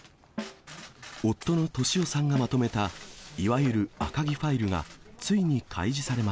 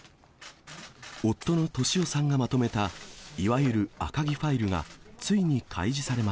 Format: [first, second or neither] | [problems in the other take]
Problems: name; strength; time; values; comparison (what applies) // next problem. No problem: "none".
second | background sound (Snare drum); 16 dB below the speech